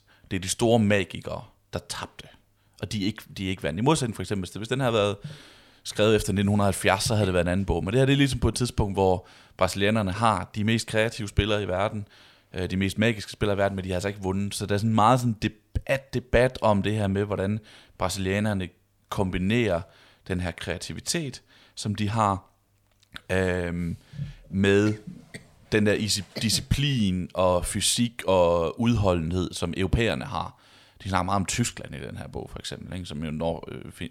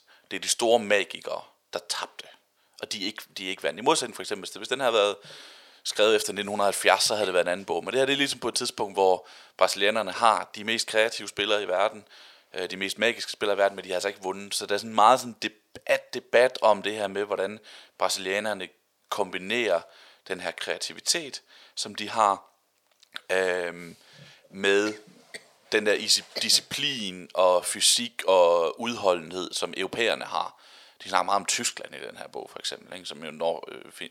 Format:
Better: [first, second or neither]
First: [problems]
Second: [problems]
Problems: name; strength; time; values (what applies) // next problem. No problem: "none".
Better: first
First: none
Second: thin; very; fading below 500 Hz